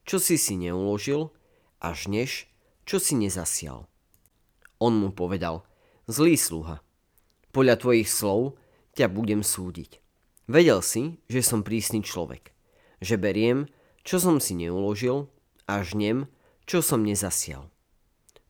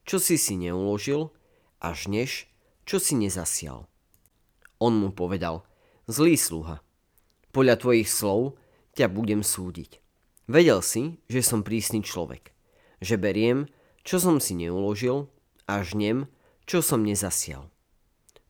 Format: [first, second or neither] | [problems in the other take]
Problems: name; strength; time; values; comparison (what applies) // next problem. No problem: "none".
neither | none